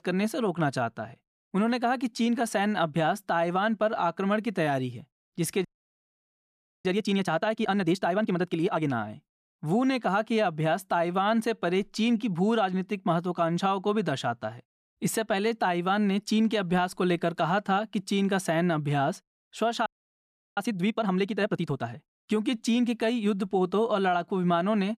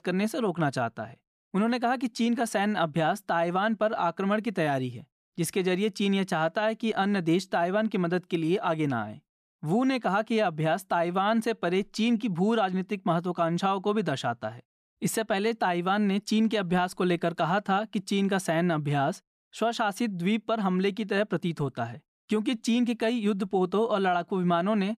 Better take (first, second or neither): second